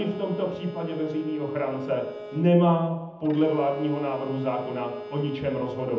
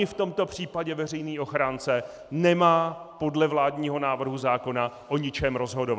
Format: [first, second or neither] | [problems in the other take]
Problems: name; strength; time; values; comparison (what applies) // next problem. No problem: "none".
second | background sound (Bowed string instrument); 12 dB below the speech // room echo; dies away in 0.8 s